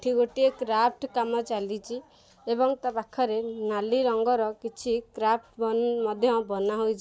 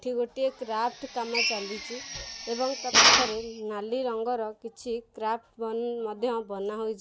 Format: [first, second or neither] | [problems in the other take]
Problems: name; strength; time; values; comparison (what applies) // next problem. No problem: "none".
first | background sound (Drill); 4 dB above the speech